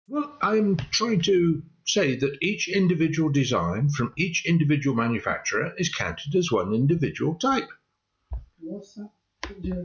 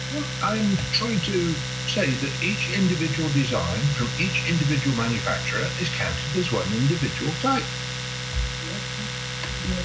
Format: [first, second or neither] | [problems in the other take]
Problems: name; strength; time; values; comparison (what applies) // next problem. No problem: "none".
first | background sound (Domestic sounds, home sounds); 3 dB below the speech // room echo; dies away in 0.3 s